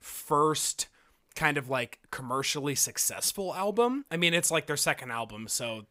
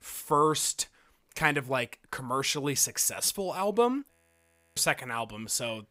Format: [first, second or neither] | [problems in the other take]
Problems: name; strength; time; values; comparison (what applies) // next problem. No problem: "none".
first | audio freezing; at 4 s for 0.5 s